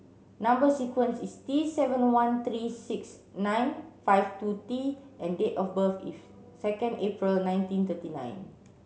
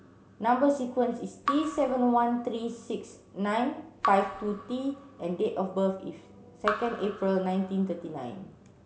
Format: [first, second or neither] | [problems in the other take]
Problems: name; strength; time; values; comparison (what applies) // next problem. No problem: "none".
first | background sound (Raindrop / Drip); 11 dB below the speech